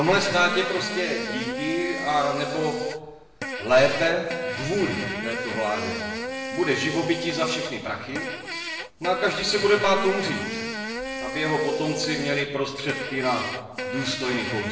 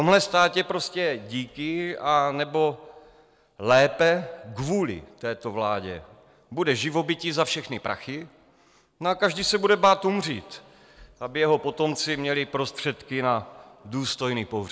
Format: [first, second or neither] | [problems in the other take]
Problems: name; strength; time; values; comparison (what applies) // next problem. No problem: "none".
second | background sound (Fart); 6 dB below the speech // room echo; dies away in 1.1 s